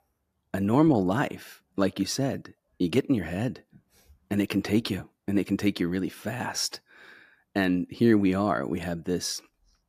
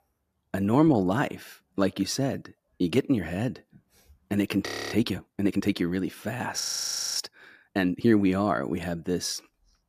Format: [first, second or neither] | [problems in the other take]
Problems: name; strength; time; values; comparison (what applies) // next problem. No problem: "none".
first | audio freezing; at 4.5 s and at 6.5 s for 0.5 s